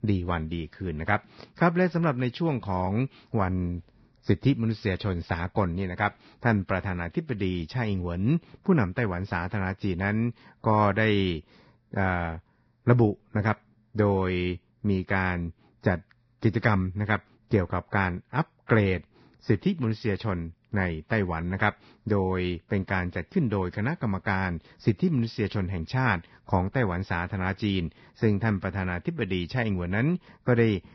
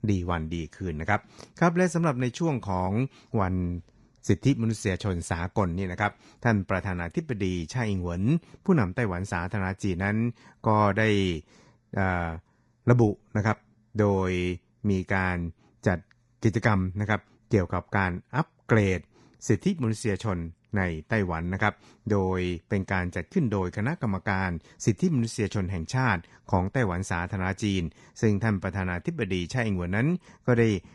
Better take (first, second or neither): second